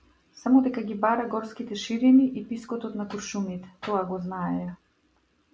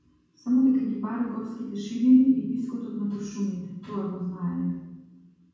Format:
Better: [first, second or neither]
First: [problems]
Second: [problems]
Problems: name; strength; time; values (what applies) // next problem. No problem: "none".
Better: first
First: none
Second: room echo; dies away in 1.2 s